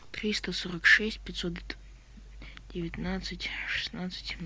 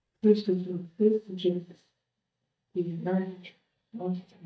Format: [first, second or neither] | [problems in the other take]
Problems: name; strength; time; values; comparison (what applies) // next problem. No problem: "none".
first | noise reduction (neural mask model DeepFilterNet 3)